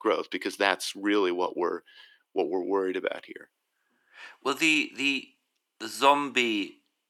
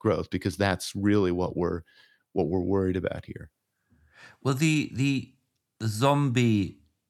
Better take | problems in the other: second | thin; somewhat; fading below 300 Hz

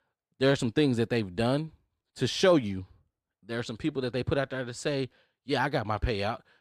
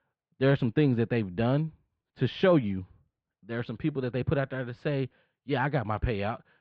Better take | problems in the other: first | muffled; very; fading above 3 kHz

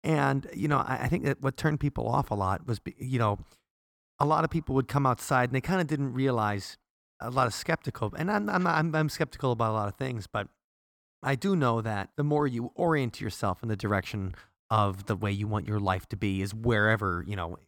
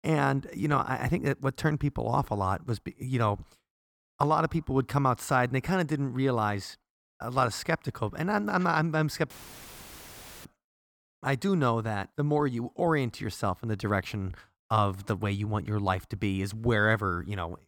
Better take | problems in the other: first | audio cutting out; filled with static; at 9.5 s for 1 s

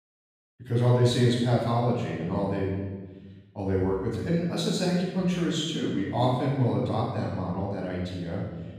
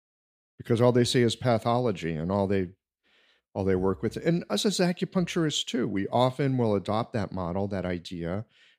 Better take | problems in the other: second | off-mic speech; far // room echo; strong; dies away in 1.2 s

